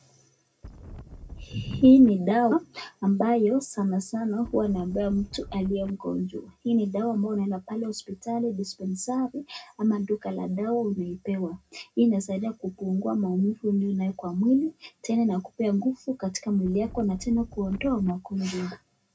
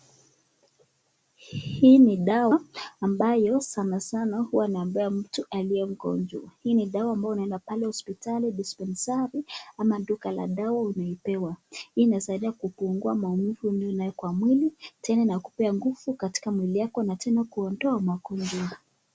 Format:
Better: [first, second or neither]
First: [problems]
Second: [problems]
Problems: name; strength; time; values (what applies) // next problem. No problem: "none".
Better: second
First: background sound (Wind); 16 dB below the speech // room echo; dies away in 0.2 s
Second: none